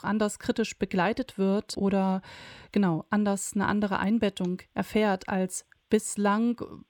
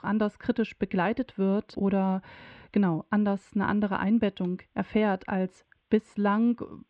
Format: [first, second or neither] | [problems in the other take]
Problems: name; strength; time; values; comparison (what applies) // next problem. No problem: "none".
first | muffled; very; fading above 3 kHz